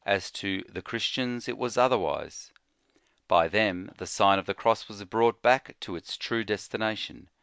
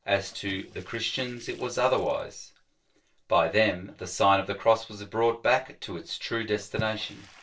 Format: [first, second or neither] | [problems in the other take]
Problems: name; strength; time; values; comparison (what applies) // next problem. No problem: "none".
first | noise reduction (neural separator model SepFormer DNS4)